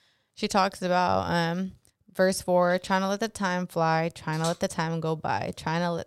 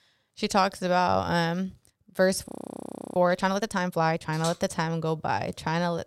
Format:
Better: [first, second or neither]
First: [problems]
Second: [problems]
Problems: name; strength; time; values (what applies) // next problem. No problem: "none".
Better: first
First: none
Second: audio freezing; at 2.5 s for 0.5 s